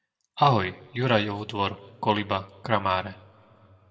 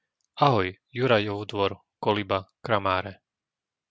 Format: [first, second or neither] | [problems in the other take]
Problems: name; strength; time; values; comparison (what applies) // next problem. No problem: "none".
second | room echo; dies away in 1.2 s